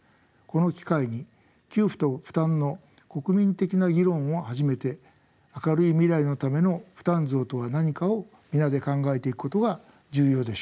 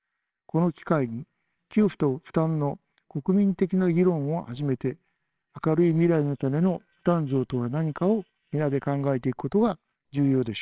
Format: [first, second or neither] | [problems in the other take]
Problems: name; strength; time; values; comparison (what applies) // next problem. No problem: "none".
first | noise reduction (neural separator model SepFormer WHAMR!)